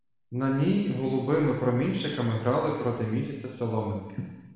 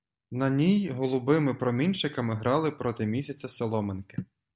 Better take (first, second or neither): second